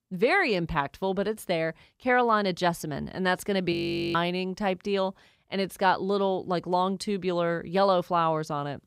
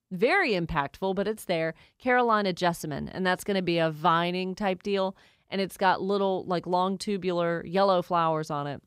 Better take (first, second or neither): second